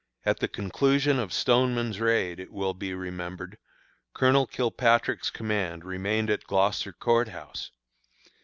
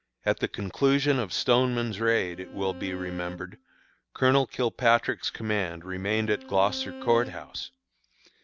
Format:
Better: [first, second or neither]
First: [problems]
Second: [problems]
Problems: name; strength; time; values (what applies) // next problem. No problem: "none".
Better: first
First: none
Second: background sound (Bowed string instrument); 17 dB below the speech